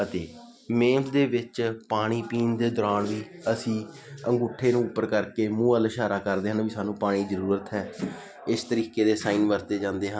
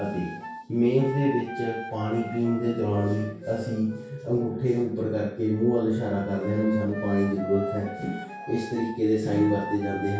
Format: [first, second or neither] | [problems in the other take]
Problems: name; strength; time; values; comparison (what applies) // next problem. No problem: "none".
first | background sound (Wind instrument, woodwind instrument); 12 dB below the speech // room echo; dies away in 0.6 s